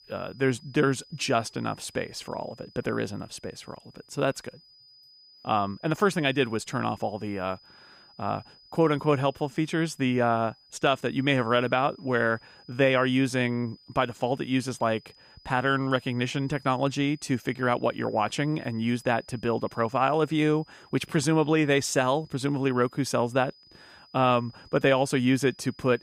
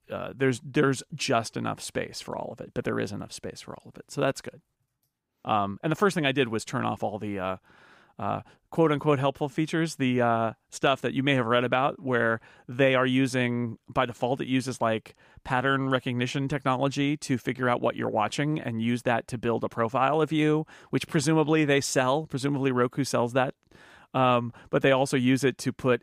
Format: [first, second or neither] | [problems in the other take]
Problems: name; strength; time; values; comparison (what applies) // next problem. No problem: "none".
second | high-pitched whine; faint; throughout; 5 kHz, 25 dB below the speech